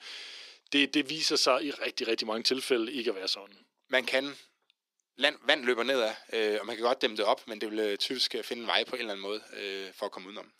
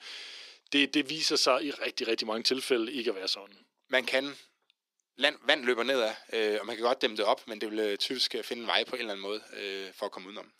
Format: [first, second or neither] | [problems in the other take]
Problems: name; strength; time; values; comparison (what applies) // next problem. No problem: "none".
neither | thin; very; fading below 300 Hz; the same in both